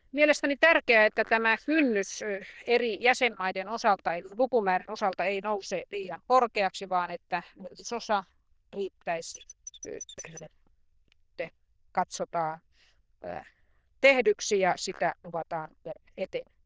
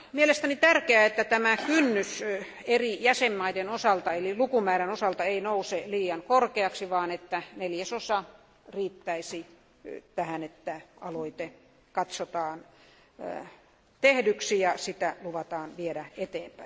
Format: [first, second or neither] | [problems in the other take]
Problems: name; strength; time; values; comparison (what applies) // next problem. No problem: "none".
second | noise reduction (neural diffusion model UNIVERSE++)